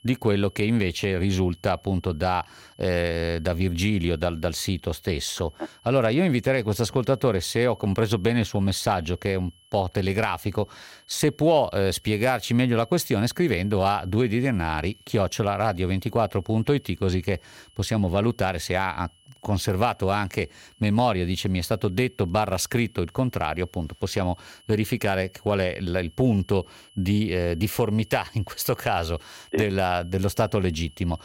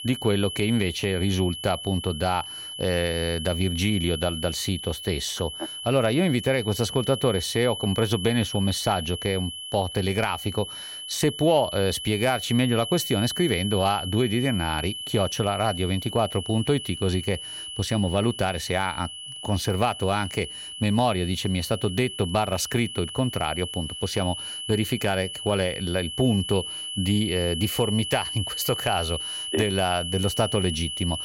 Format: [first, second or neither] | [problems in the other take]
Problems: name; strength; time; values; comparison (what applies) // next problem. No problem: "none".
first | high-pitched whine; loud; throughout; 3 kHz, 7 dB below the speech; faint in the first